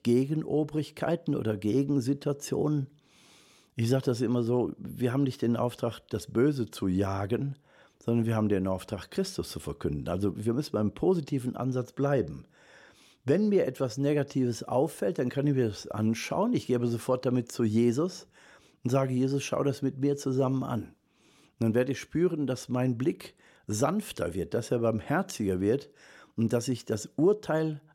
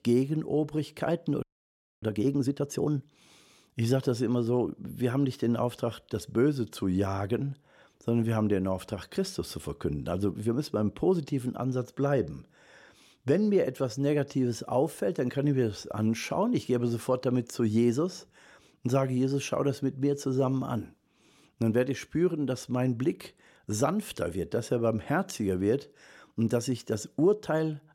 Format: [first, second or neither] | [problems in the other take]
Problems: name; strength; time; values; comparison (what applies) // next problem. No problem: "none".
first | audio freezing; at 1.5 s for 0.5 s